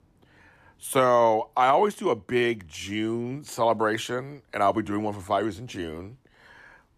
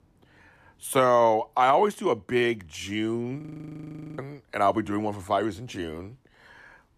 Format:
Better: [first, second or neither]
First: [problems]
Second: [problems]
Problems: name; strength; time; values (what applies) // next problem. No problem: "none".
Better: first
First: none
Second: audio freezing; at 3.5 s for 1 s